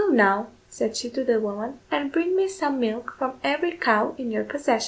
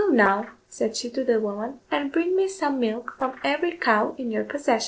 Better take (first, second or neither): first